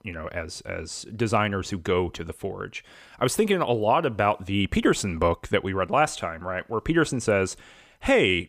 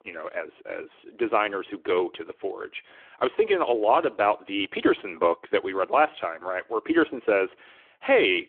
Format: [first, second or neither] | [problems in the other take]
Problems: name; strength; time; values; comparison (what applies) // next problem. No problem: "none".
first | phone-call audio